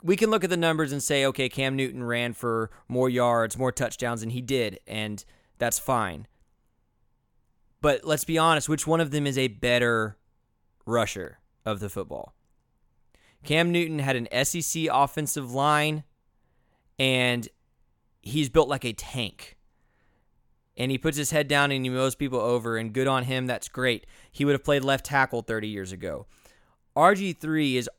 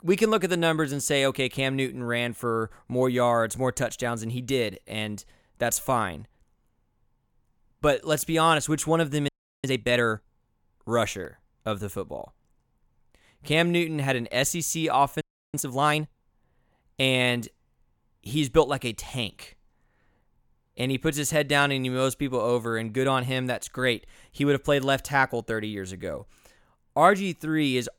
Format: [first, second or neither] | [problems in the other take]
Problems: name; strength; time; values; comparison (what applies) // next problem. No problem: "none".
first | audio freezing; at 9.5 s and at 15 s